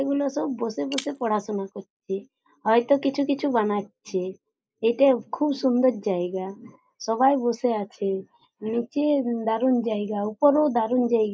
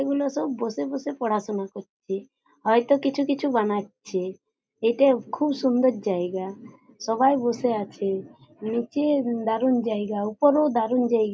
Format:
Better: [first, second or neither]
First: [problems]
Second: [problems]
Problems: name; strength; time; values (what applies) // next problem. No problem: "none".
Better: second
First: noise reduction (neural mask model Resemble Enhance denoiser)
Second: none